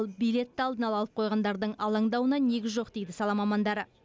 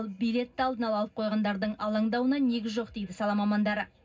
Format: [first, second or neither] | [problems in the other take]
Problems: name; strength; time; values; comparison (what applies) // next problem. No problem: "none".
first | room echo; dies away in 0.4 s